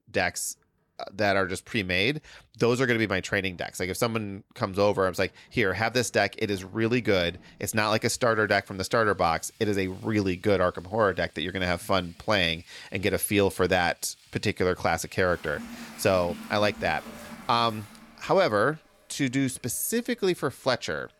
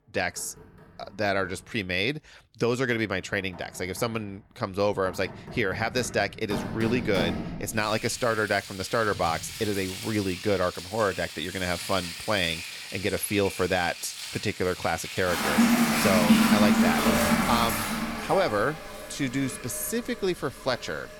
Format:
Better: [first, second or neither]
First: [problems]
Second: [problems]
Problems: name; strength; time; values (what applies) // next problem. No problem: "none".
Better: first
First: household noises; faint; throughout; 20 dB below the speech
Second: household noises; loud; throughout; as loud as the speech